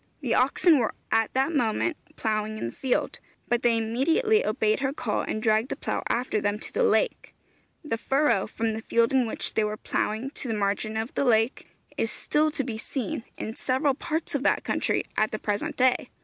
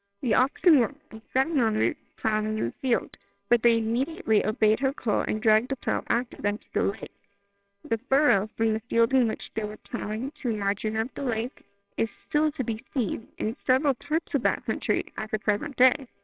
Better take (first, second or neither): first